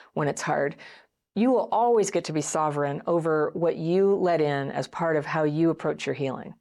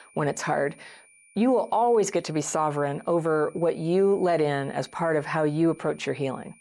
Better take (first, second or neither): first